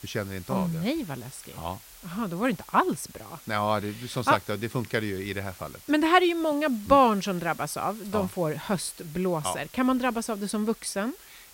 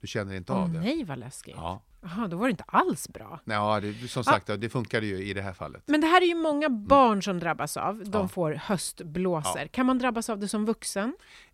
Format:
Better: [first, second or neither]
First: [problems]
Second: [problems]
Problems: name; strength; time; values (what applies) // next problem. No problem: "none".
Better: second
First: hiss; noticeable; throughout; 20 dB below the speech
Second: none